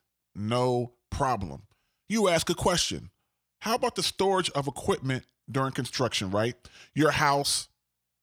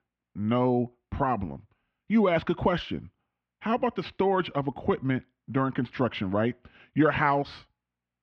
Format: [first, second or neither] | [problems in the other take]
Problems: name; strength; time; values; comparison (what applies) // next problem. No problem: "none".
first | muffled; very; fading above 2.5 kHz